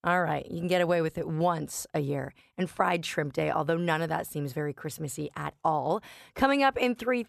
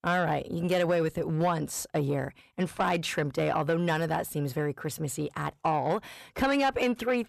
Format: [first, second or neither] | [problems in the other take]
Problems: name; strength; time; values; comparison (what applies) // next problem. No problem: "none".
first | distortion; slight; 10 dB below the speech